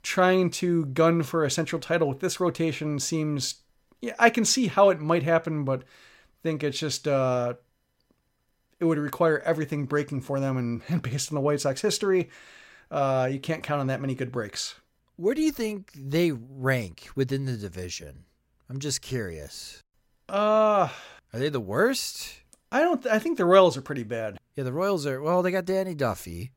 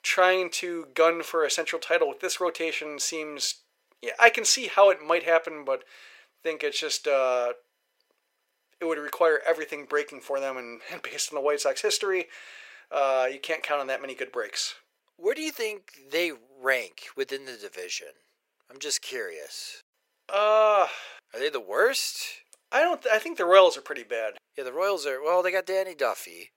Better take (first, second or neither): first